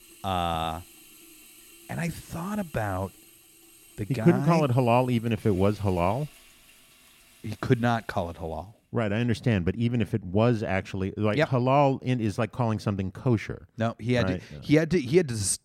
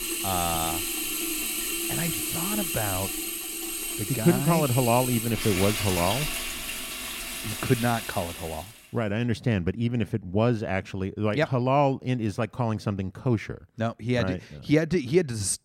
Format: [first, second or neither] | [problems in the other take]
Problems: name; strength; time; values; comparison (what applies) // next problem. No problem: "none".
first | household noises; loud; until 8.5 s; 2 dB below the speech; faint in the first